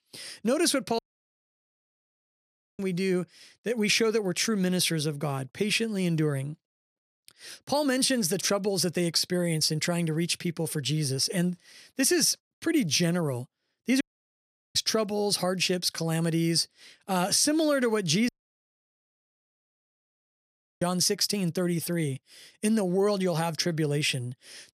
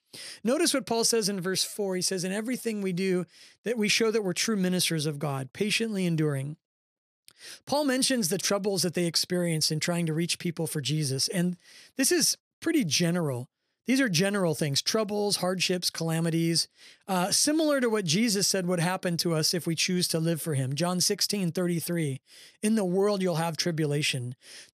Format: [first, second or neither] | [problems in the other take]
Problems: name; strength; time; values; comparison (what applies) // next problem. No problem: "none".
second | audio cutting out; at 1 s for 2 s, at 14 s for 0.5 s and at 18 s for 2.5 s